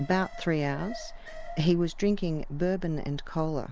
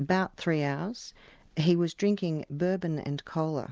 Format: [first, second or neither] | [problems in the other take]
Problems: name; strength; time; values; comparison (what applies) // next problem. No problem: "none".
second | background sound (Alarm); 9 dB below the speech